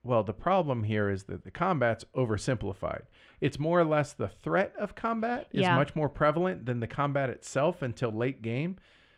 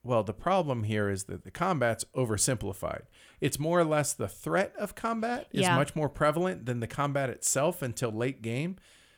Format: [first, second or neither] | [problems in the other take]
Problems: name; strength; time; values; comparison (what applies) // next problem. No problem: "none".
second | muffled; slightly; fading above 3 kHz